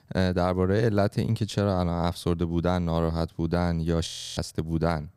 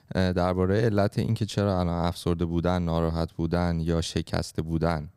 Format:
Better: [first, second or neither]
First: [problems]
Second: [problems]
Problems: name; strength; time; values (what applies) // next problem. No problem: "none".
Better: second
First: audio freezing; at 4 s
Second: none